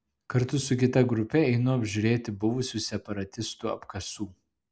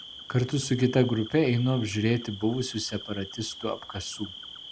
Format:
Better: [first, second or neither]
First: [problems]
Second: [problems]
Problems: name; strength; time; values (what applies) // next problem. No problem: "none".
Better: first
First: none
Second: background sound (Cricket); 16 dB below the speech